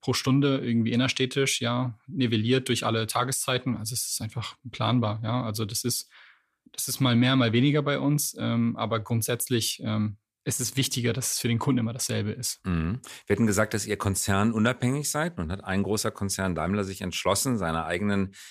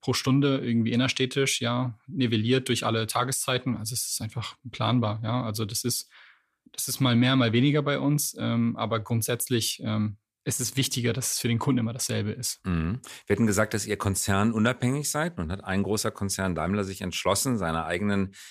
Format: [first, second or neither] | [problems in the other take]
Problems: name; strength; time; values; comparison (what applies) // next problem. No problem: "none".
neither | none